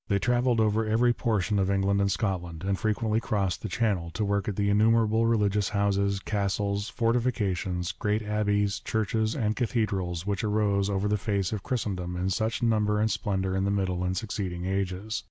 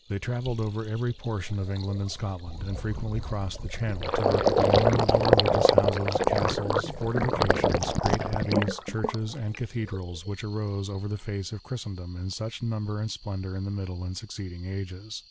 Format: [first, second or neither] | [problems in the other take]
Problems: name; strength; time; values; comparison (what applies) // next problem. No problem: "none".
first | background sound (Gurgling); 2 dB above the speech